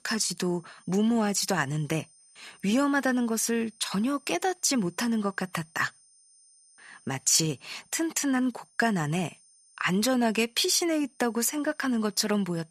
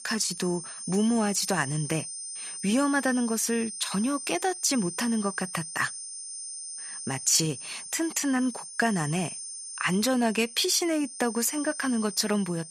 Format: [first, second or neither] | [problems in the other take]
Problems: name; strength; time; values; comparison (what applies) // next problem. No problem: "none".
first | high-pitched whine; loud; throughout; 9 kHz, 9 dB below the speech; faint in the first